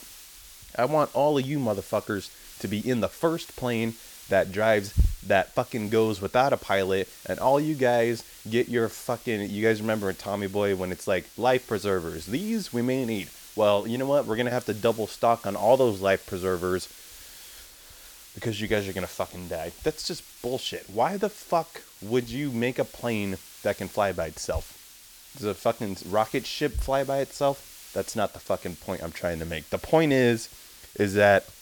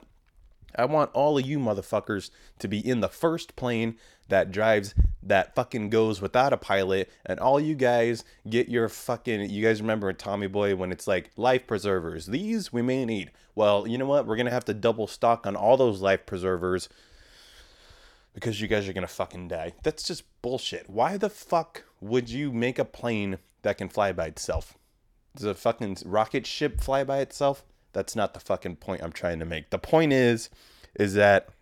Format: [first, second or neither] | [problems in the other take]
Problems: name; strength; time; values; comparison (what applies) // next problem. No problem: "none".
second | hiss; noticeable; throughout; 20 dB below the speech